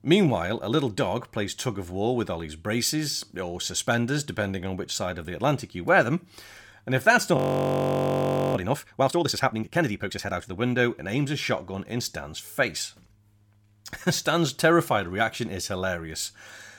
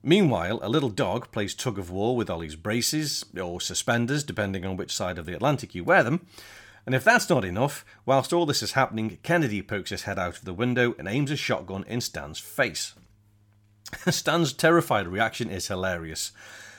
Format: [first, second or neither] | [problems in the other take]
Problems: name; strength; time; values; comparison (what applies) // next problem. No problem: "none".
second | audio freezing; at 7.5 s for 1 s